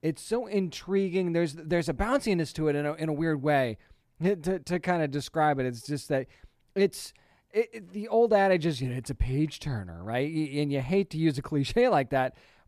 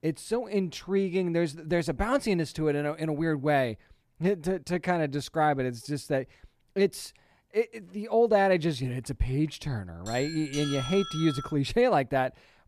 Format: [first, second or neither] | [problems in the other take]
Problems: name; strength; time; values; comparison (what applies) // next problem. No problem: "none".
first | doorbell; noticeable; from 10 to 12 s; peak 7 dB below the speech